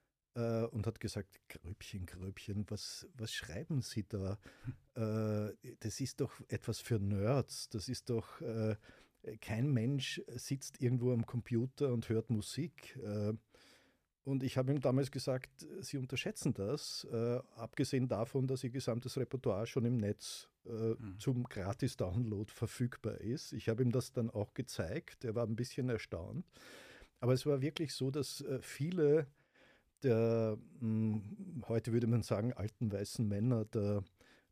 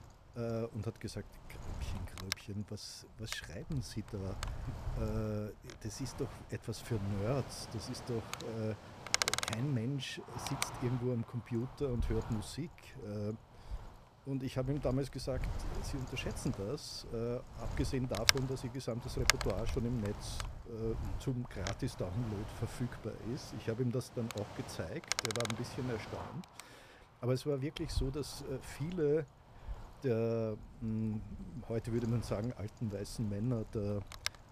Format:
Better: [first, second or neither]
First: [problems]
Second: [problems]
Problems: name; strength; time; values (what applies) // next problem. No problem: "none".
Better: first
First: none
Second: wind noise on the microphone; heavy; 2 dB above the speech